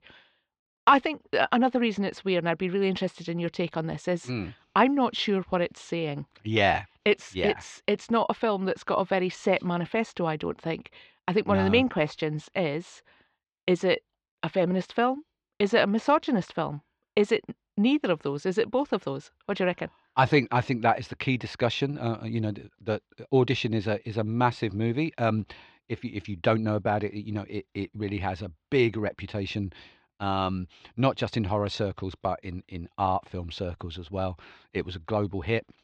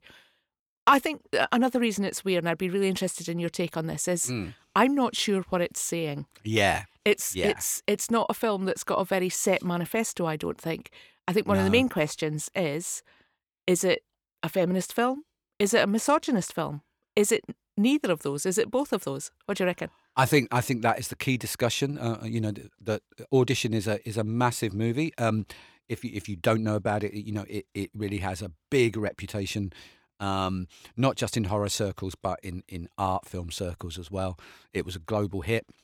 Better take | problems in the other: second | muffled; slightly; fading above 4.5 kHz

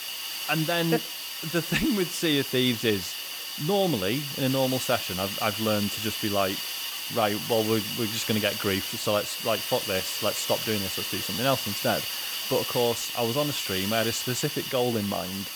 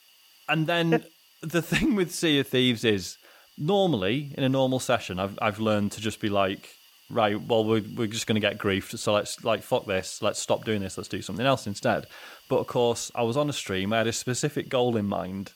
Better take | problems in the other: second | hiss; loud; throughout; 3 dB below the speech; faint in the second

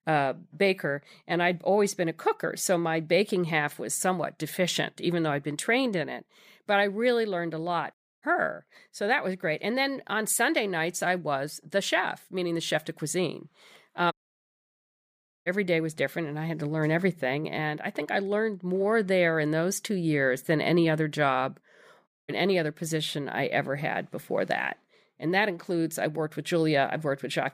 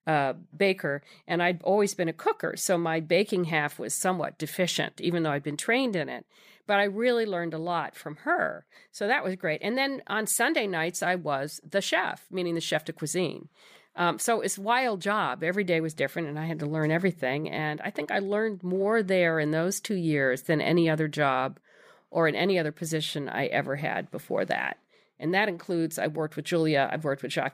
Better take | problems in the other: second | audio cutting out; at 8 s, at 14 s for 1.5 s and at 22 s

